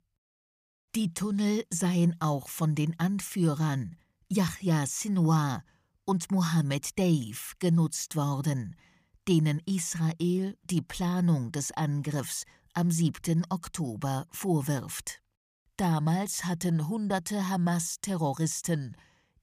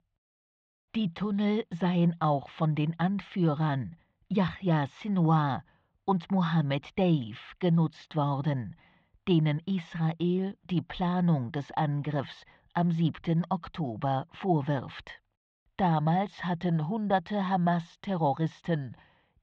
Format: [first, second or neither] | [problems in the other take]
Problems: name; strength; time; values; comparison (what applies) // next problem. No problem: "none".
first | muffled; very; fading above 3.5 kHz